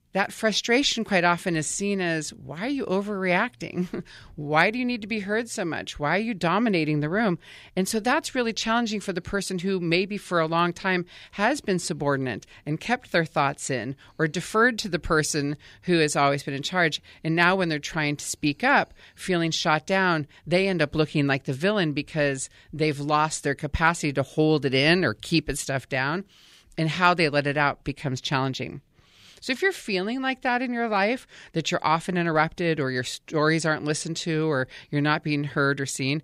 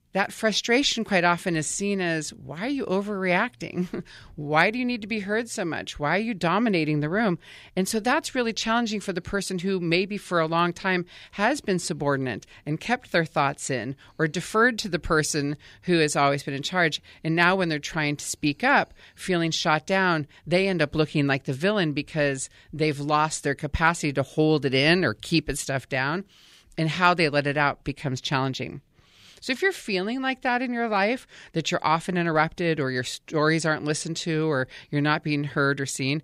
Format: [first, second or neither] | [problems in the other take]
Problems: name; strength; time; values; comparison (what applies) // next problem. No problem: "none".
neither | none